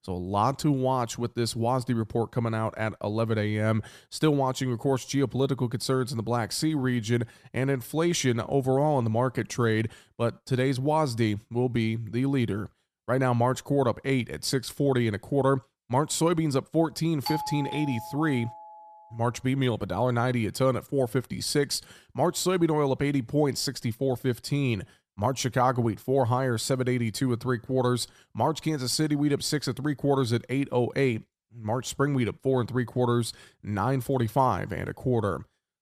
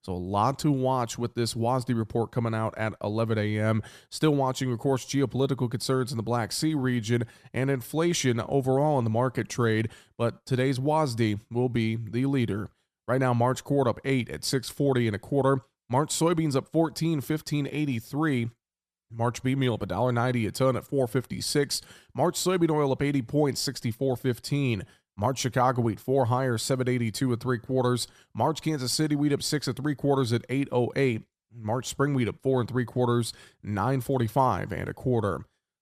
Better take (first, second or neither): second